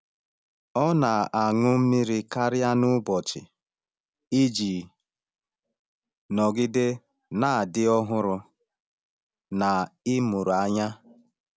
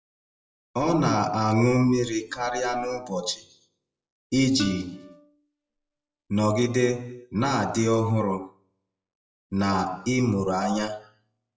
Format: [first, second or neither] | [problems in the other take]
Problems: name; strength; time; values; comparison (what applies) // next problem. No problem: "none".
first | noise reduction (classical method WPE with log-MMSE)